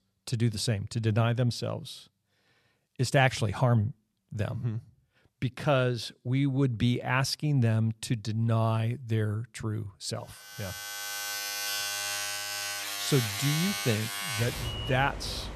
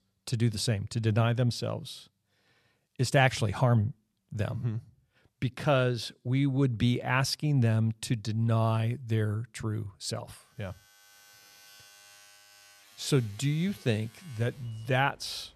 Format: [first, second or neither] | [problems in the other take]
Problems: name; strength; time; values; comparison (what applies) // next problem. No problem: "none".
second | household noises; loud; from 11 s on; 3 dB below the speech; faint in the second